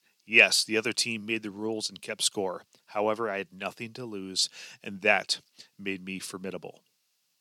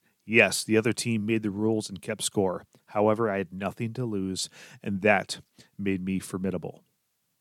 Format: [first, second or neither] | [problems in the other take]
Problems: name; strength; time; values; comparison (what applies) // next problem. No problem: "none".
second | thin; very slightly; fading below 950 Hz